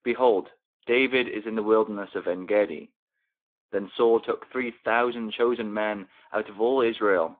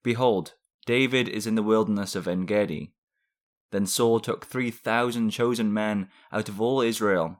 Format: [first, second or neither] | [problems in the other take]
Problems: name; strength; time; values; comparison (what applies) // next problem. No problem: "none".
second | phone-call audio; nothing above 3.5 kHz